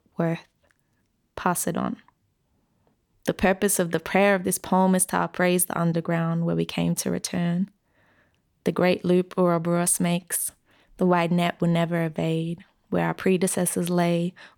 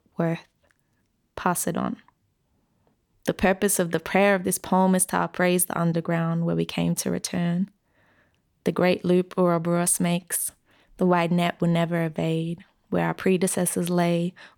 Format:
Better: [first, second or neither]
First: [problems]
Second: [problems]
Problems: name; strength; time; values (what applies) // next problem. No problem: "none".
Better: neither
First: none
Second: none